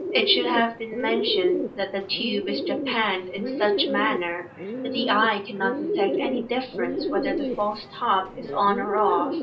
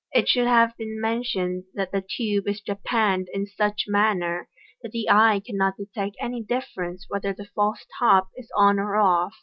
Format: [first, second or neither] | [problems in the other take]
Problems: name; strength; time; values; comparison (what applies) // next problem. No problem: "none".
second | background sound (Bird); 3 dB below the speech // room echo; dies away in 0.3 s